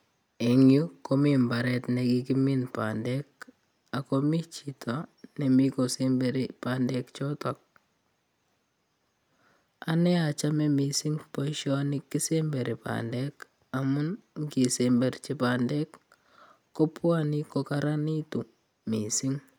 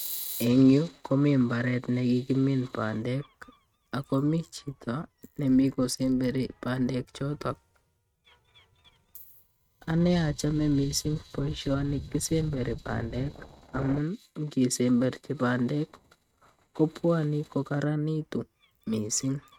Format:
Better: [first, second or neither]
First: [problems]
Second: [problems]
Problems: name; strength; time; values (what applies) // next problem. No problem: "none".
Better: first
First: none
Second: noise reduction (neural mask model RNNoise)